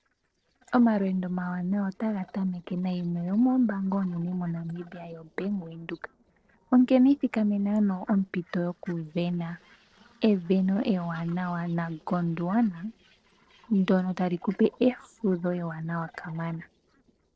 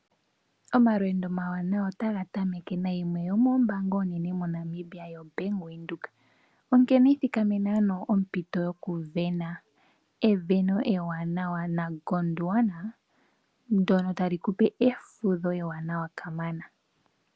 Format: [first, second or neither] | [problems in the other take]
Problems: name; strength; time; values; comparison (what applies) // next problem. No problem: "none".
second | noise reduction (neural separator model SepFormer DNS4)